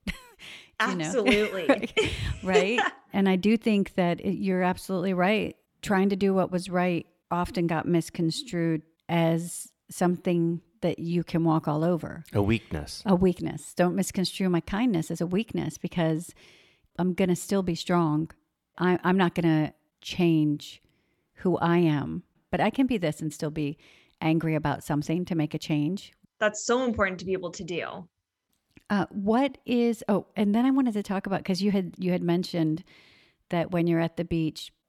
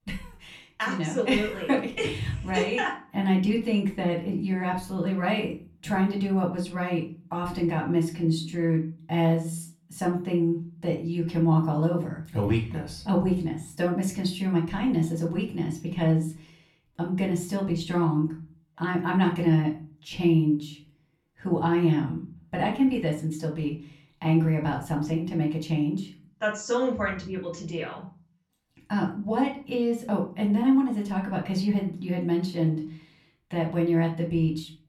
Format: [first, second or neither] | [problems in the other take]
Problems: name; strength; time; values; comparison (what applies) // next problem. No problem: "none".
first | off-mic speech; far // room echo; slight; dies away in 0.4 s